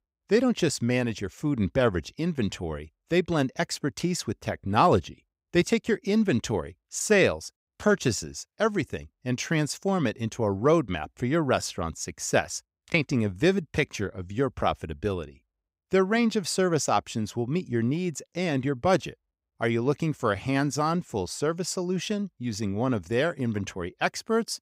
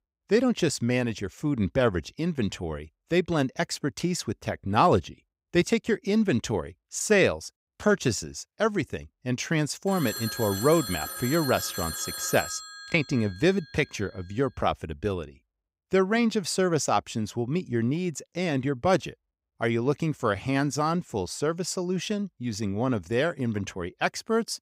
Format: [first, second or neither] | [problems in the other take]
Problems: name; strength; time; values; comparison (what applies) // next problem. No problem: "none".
first | phone ringing; noticeable; from 10 to 14 s; peak 5 dB below the speech